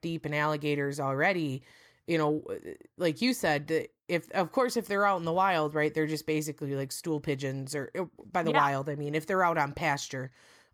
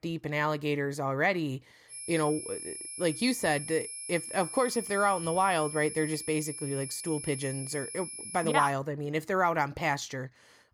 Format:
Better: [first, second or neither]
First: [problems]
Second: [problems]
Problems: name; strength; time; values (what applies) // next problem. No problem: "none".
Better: first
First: none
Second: high-pitched whine; loud; from 2 to 8.5 s; 10.5 kHz, 8 dB below the speech